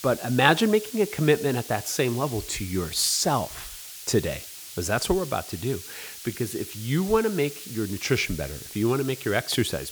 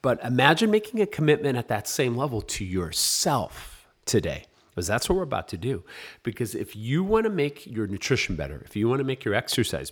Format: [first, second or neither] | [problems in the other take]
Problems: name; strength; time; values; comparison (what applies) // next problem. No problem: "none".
second | hiss; noticeable; throughout; 10 dB below the speech